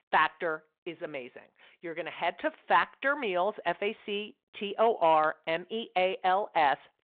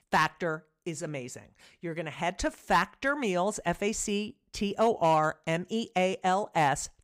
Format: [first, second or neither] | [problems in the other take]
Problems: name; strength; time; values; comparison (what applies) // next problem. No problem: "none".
second | phone-call audio